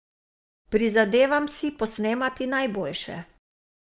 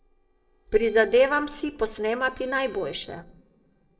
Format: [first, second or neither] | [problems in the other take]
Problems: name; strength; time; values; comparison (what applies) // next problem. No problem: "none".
first | noise reduction (neural separator model SepFormer DNS4)